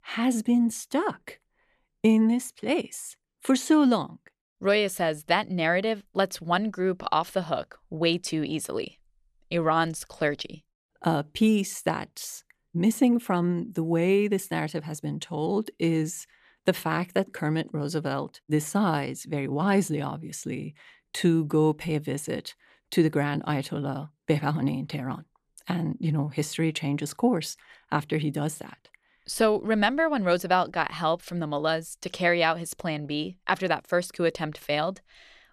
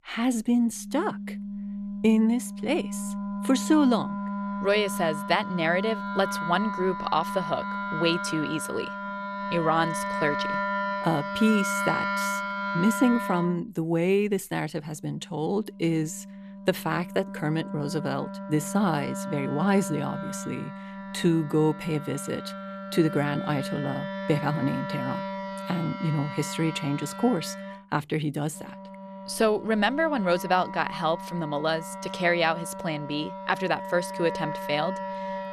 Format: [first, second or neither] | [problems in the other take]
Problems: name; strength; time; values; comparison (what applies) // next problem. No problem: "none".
first | background music; loud; throughout; 6 dB below the speech